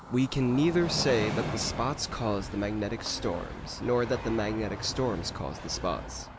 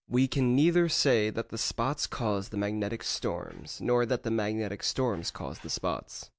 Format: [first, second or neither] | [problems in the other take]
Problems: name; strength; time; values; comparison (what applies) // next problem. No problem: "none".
second | background sound (Train); 8 dB below the speech